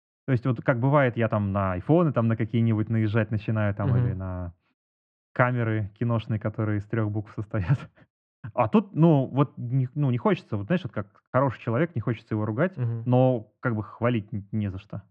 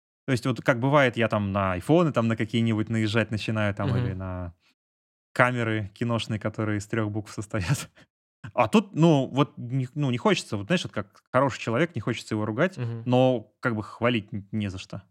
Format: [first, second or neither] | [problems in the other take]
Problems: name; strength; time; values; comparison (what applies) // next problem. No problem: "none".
second | muffled; very; fading above 1.5 kHz